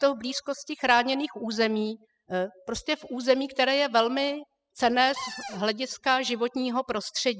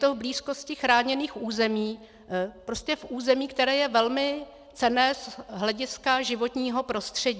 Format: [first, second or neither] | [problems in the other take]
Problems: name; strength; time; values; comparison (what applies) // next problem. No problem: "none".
second | noise reduction (classical method spectral subtraction)